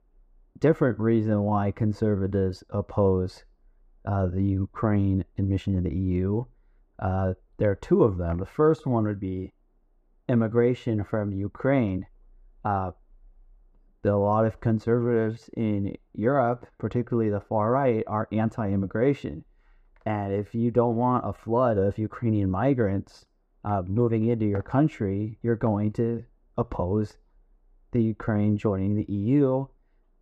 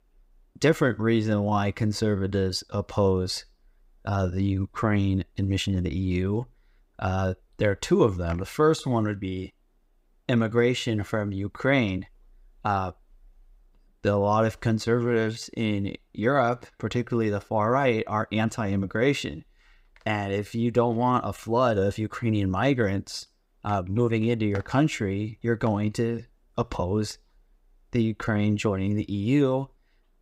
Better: second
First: muffled; very; fading above 2 kHz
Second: none

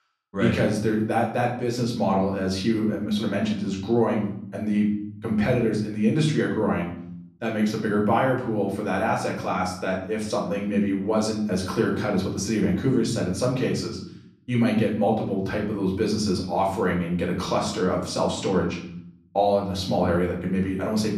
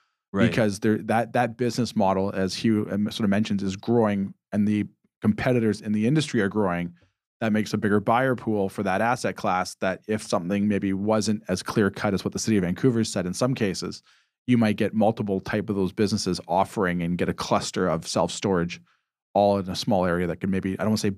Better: second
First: room echo; slight; dies away in 0.6 s // off-mic speech; far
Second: none

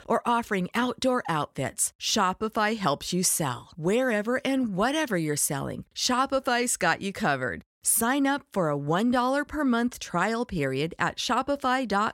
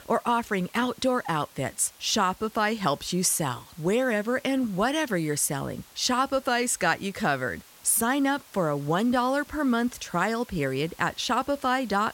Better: first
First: none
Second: hiss; faint; throughout; 25 dB below the speech

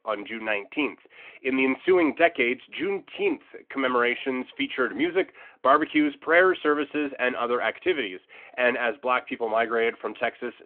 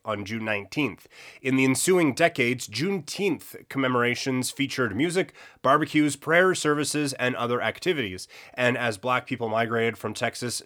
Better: second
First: phone-call audio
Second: none

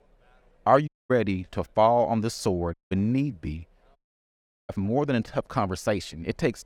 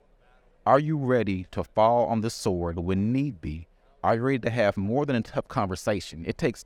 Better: second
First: audio cutting out; at 1 s, at 2.5 s and at 4 s for 0.5 s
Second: none

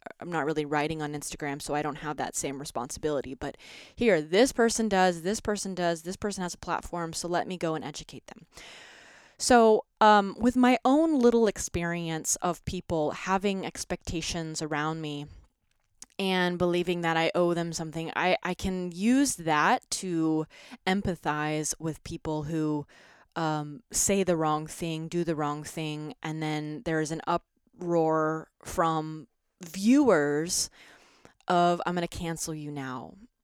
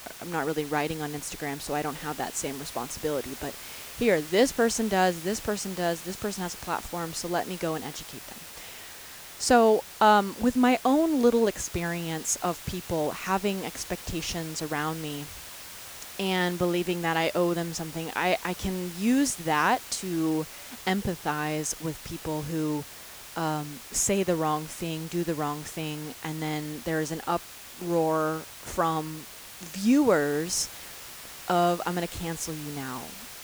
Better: first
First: none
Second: hiss; noticeable; throughout; 15 dB below the speech

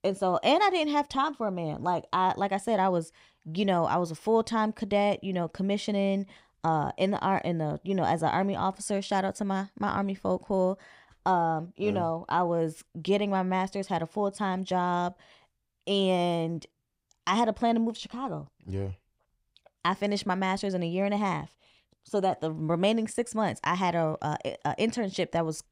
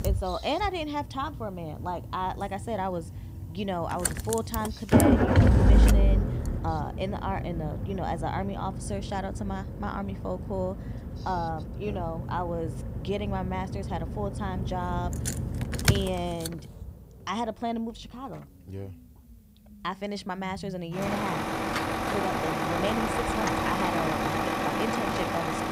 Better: first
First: none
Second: traffic noise; very loud; throughout; 5 dB above the speech

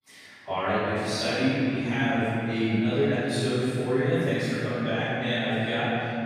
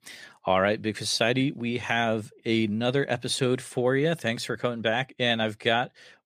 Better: second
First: off-mic speech; far // room echo; strong; dies away in 3 s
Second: none

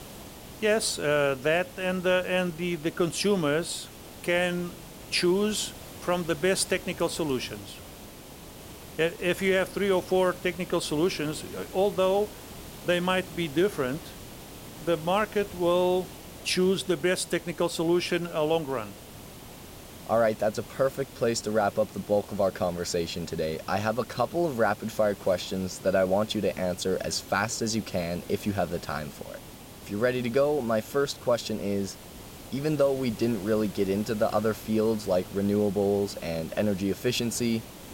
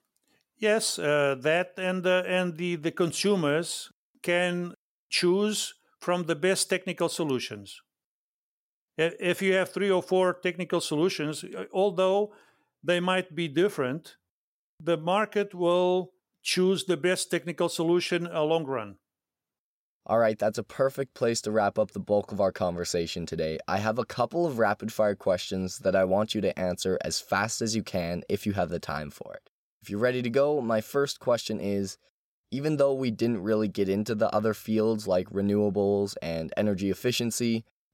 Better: second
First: hiss; noticeable; throughout; 15 dB below the speech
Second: none

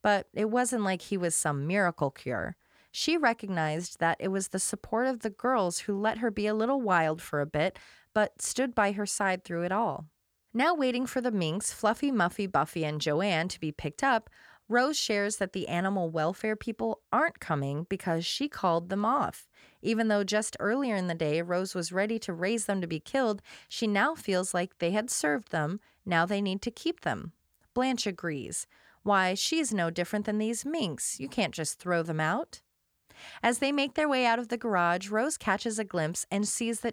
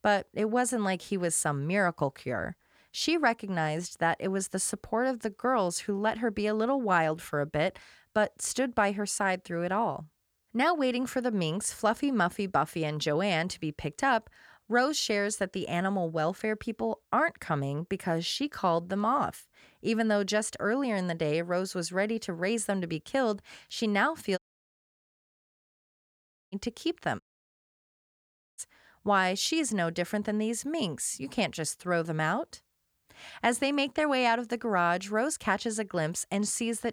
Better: first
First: none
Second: audio cutting out; at 24 s for 2 s and at 27 s for 1.5 s

